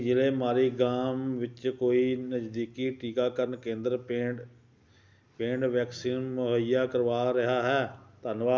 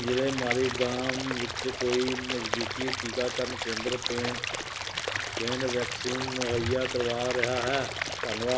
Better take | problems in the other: first | background sound (Stream / Liquid); 2 dB below the speech

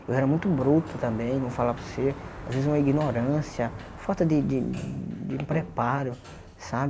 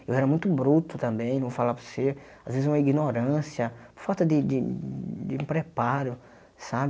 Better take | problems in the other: second | background sound (Sliding door); 13 dB below the speech

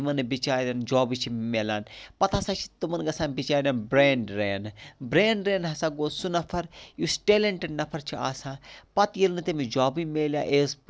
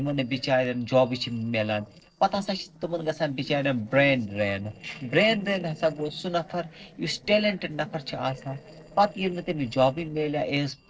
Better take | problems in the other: first | noise reduction (neural separator model SepFormer DNS4)

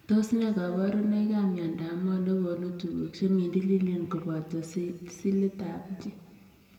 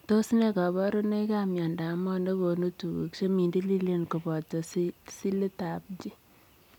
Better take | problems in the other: second | room echo; dies away in 1.8 s

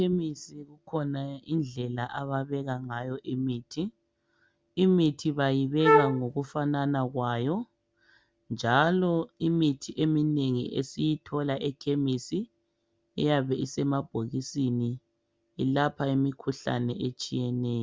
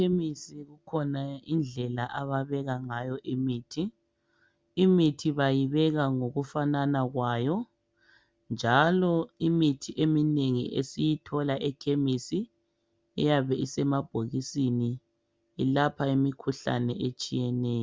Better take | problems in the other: second | background sound (Wind instrument, woodwind instrument); 5 dB above the speech

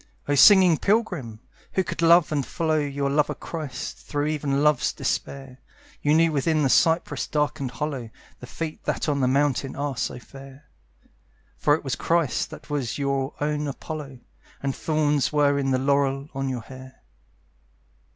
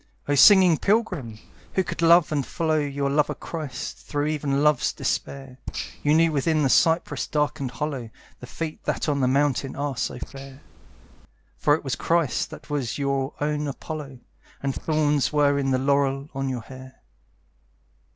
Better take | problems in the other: first | noise reduction (neural separator model SepFormer DNS4)

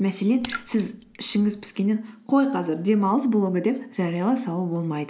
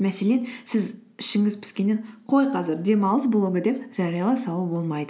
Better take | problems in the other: second | background sound (Raindrop / Splash, splatter); 16 dB below the speech

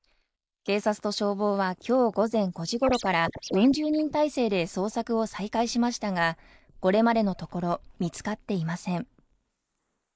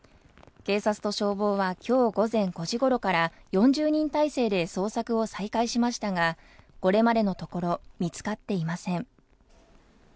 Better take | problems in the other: second | noise reduction (neural mask model Resemble Enhance denoiser)

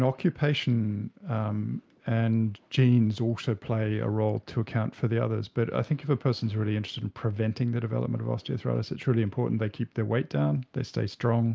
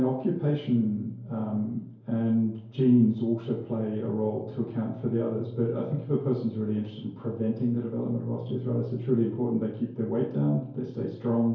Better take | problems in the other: first | room echo; dies away in 2.4 s

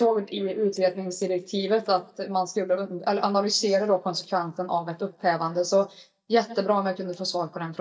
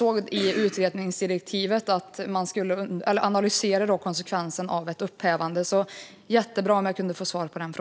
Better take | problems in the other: second | noise reduction (neural mask model DeepFilterNet 3)

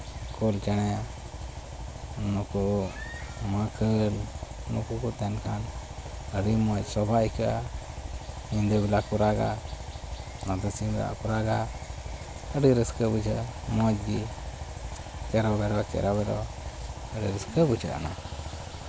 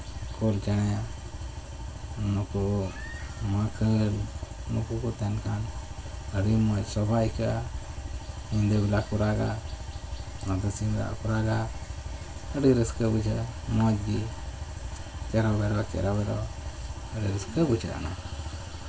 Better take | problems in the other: first | room echo; dies away in 0.2 s

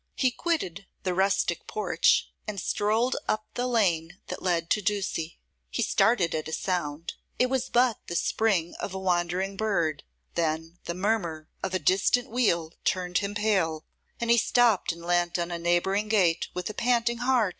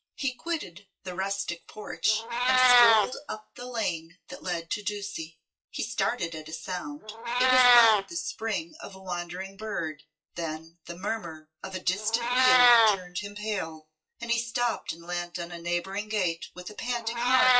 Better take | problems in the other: first | noise reduction (classical method WPE with log-MMSE)

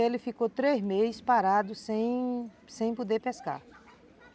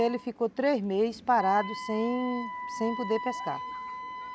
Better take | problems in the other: first | background sound (Wind instrument, woodwind instrument); 10 dB below the speech

